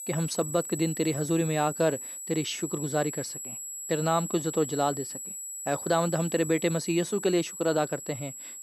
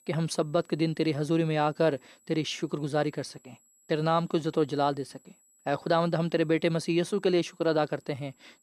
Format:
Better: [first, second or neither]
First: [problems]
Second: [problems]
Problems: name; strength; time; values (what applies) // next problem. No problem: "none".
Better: second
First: high-pitched whine; loud; throughout; 7.5 kHz, 7 dB below the speech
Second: high-pitched whine; faint; throughout; 7.5 kHz, 35 dB below the speech